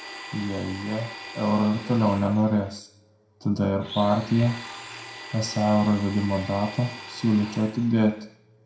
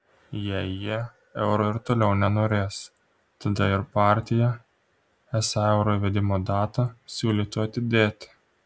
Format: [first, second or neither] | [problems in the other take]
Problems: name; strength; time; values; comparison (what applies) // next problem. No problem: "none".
second | background sound (Domestic sounds, home sounds); 15 dB below the speech // room echo; dies away in 0.5 s